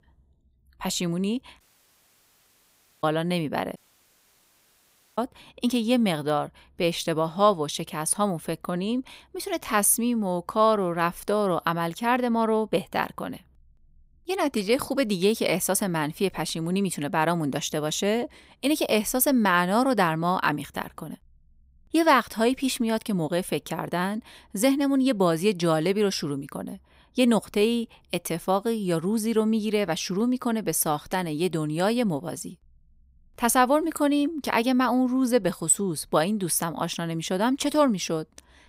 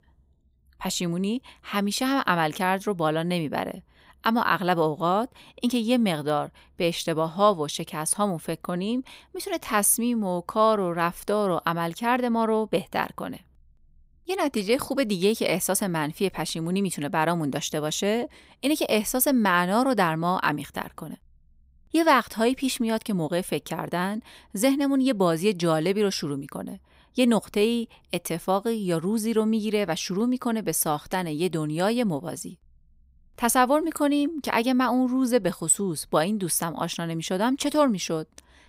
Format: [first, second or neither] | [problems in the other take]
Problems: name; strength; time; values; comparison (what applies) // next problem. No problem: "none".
second | audio cutting out; at 1.5 s for 1.5 s and at 4 s for 1.5 s